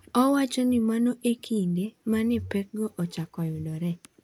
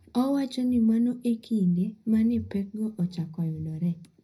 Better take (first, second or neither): first